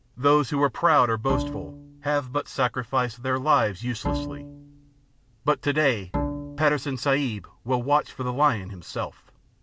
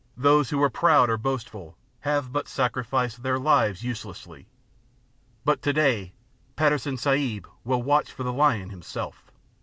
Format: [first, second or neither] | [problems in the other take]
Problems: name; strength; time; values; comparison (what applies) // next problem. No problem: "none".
second | background sound (Bowed string instrument); 7 dB below the speech